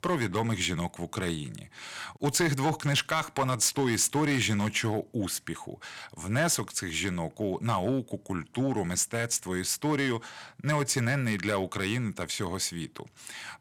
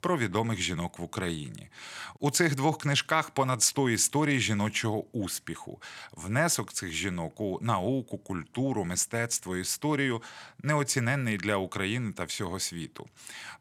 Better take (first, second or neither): second